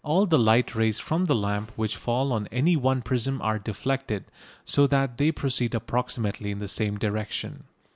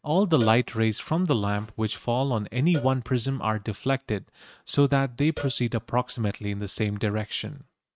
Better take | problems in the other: first | noise reduction (neural mask model RNNoise)

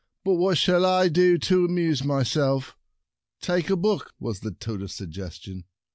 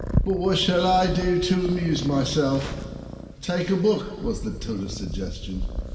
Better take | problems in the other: first | background sound (Purr); 7 dB below the speech // room echo; dies away in 3 s

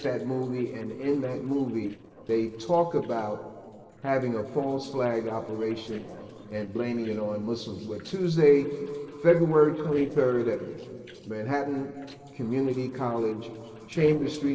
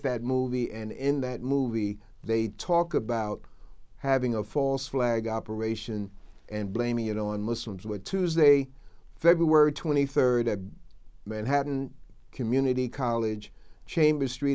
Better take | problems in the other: second | noise reduction (neural separator model SepFormer DNS4)

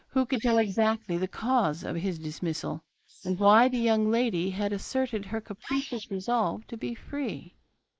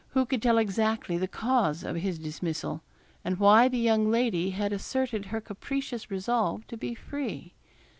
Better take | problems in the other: second | noise reduction (neural mask model Resemble Enhance denoiser)

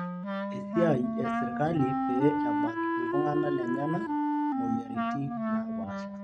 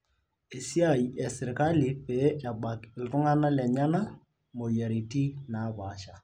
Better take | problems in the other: second | noise reduction (neural mask model RNNoise)

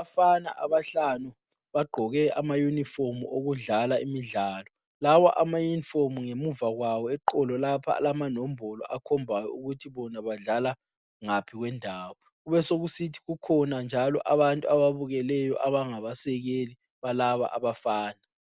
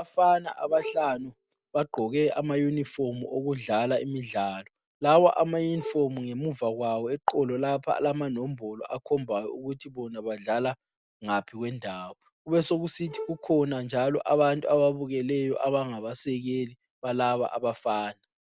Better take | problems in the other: first | background sound (Bowed string instrument); 15 dB below the speech

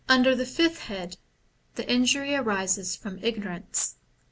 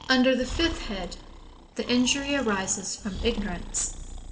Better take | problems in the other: first | background sound (Breathing); 10 dB below the speech // room echo; dies away in 1.5 s

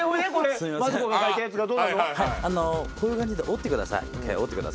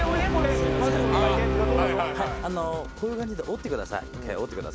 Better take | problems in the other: first | background sound (Brass instrument); 1 dB above the speech

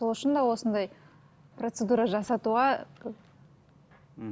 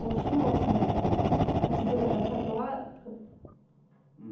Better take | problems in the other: first | background sound (Fire); 4 dB above the speech // room echo; dies away in 0.8 s

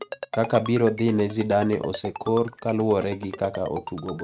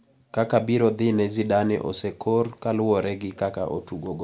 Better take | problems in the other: second | noise reduction (neural mask model RNNoise)

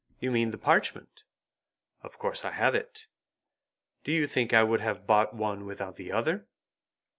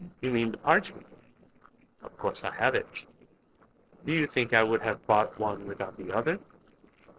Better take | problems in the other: first | noise reduction (neural separator model SepFormer DNS4)

